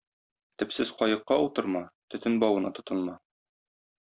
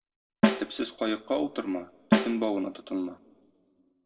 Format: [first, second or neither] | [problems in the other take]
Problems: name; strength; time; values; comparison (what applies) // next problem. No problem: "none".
first | background sound (Snare drum); 2 dB above the speech // room echo; dies away in 1.2 s